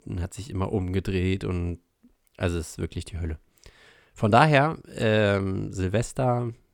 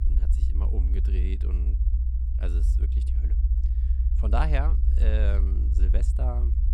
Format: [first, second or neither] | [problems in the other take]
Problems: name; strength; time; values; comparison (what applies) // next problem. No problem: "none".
first | low rumble; loud; throughout; 7 dB below the speech